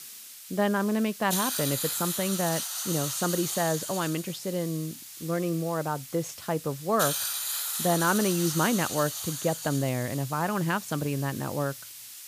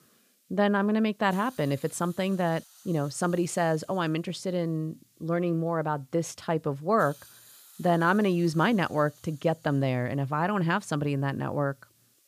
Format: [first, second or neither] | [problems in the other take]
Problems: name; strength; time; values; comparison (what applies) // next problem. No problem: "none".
second | hiss; loud; throughout; 4 dB below the speech; faint in the second